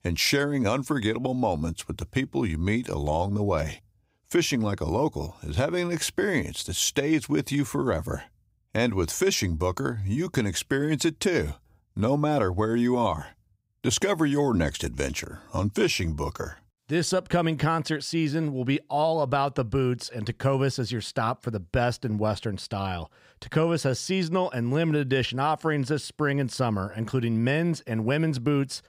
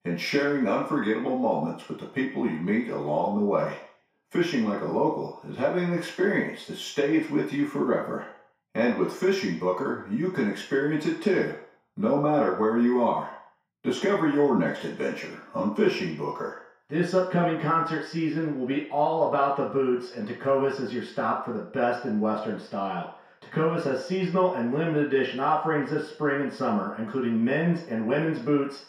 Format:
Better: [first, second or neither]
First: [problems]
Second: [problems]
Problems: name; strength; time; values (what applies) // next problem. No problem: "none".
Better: first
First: none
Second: room echo; noticeable; dies away in 0.6 s // off-mic speech; far